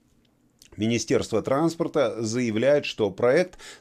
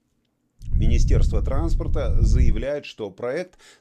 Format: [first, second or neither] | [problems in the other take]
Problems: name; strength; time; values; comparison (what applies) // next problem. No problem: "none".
first | low rumble; loud; from 0.5 to 2.5 s; 8 dB below the speech